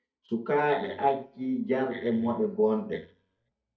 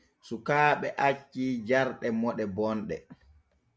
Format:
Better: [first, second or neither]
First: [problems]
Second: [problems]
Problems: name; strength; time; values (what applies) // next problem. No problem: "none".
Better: second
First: noise reduction (neural mask model DeepFilterNet 3)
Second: none